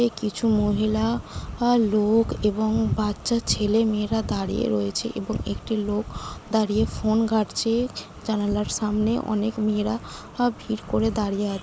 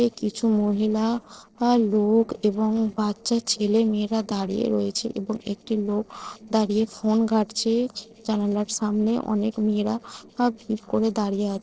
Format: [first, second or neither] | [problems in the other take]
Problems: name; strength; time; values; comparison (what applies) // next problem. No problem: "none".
first | noise reduction (neural separator model SepFormer DNS4)